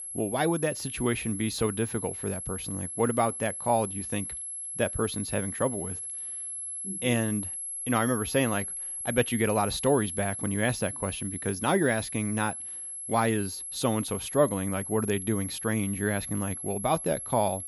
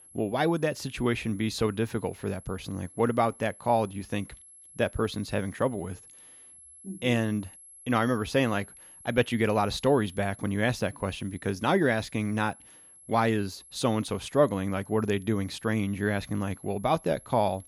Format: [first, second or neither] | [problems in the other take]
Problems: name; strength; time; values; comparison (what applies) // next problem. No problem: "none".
second | high-pitched whine; loud; throughout; 11 kHz, 5 dB below the speech; faint in the second